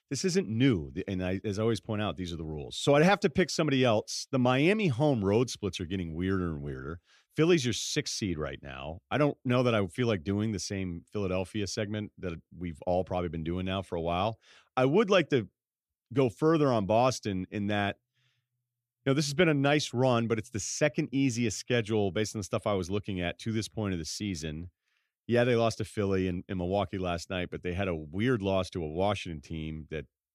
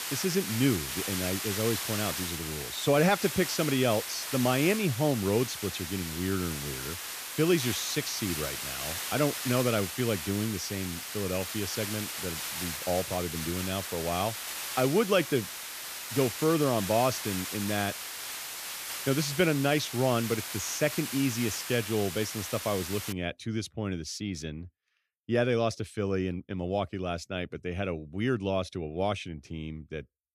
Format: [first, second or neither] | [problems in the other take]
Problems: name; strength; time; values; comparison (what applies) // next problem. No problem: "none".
first | hiss; loud; until 23 s; 4 dB below the speech